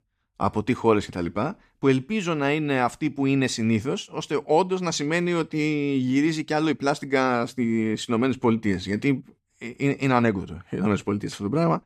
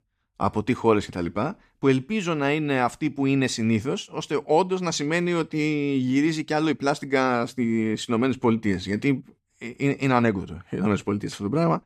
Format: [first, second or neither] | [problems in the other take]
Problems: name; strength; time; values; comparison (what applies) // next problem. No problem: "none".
neither | none